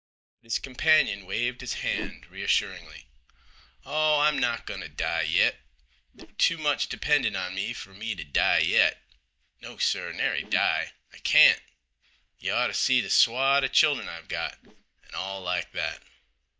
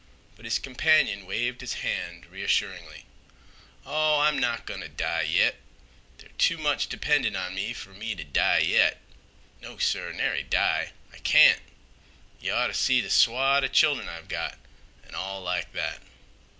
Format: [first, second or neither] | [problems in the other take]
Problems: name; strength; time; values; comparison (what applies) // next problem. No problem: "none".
second | noise reduction (neural mask model DeepFilterNet 3)